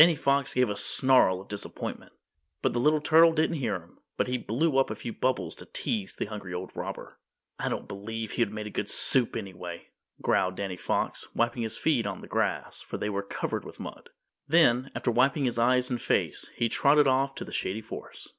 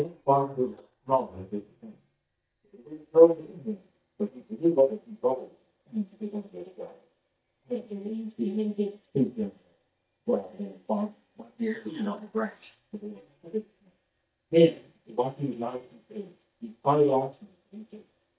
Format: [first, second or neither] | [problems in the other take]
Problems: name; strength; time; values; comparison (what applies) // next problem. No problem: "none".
first | noise reduction (neural mask model DeepFilterNet 3)